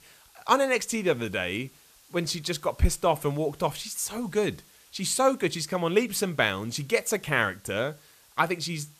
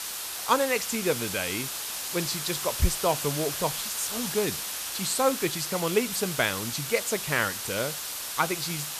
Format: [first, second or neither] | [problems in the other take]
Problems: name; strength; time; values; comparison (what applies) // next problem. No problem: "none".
first | hiss; loud; throughout; 2 dB below the speech; faint in the first